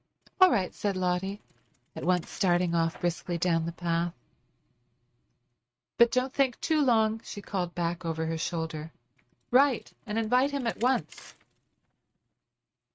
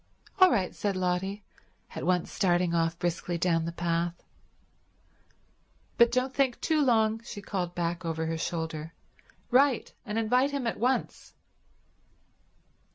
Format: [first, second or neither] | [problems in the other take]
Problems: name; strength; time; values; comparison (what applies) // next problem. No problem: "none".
second | noise reduction (neural mask model RNNoise)